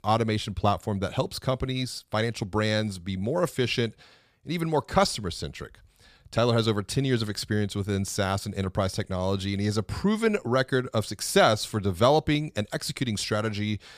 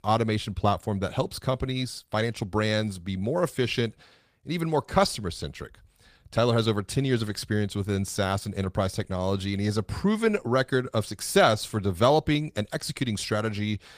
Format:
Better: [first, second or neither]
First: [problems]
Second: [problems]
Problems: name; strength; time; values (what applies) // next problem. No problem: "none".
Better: first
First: none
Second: garbled, watery; slightly; nothing above 15 kHz